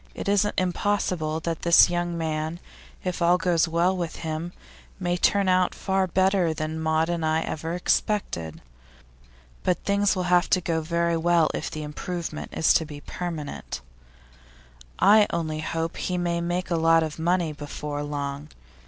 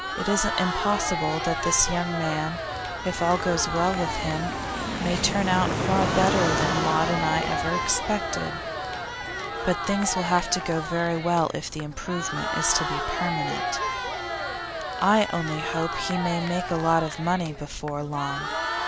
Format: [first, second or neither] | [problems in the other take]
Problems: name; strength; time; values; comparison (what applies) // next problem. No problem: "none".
first | background sound (Crowd + Fixed-wing aircraft, airplane); 2 dB below the speech